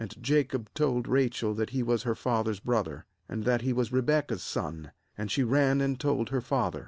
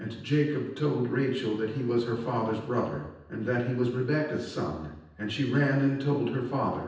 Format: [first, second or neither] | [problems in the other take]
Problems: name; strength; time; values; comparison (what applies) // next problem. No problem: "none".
first | background sound (Bowed string instrument); 19 dB below the speech // room echo; dies away in 0.9 s